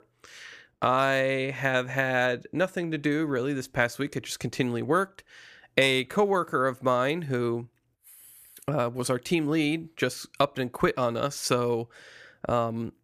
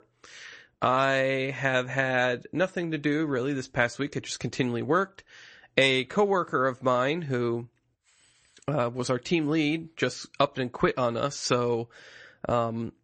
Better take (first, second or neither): first